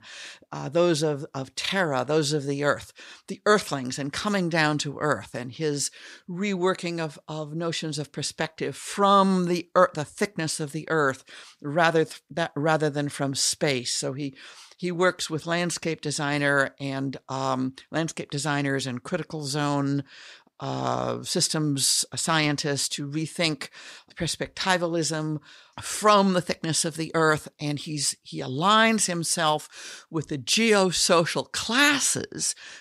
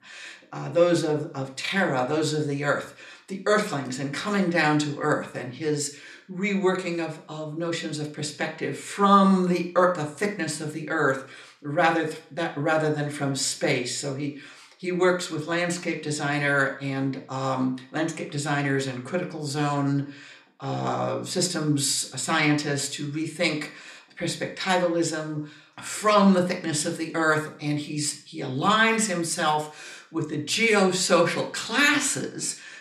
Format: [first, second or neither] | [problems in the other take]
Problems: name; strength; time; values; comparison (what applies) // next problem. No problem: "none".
first | room echo; very slight; dies away in 0.4 s